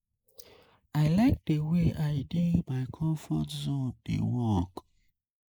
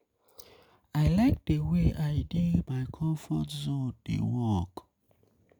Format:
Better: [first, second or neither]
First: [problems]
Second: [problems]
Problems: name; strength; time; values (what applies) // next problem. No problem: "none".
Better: second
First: noise reduction (neural mask model Resemble Enhance denoiser)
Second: none